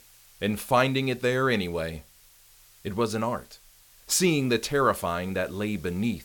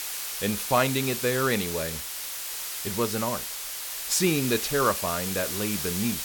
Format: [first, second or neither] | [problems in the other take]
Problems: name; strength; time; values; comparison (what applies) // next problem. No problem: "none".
first | hiss; loud; throughout; 3 dB below the speech; faint in the first